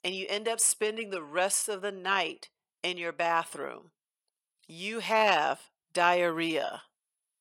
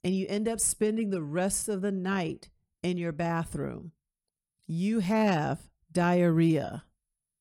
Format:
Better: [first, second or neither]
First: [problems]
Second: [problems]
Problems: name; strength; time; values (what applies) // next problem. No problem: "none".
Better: second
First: thin; very; fading below 600 Hz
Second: none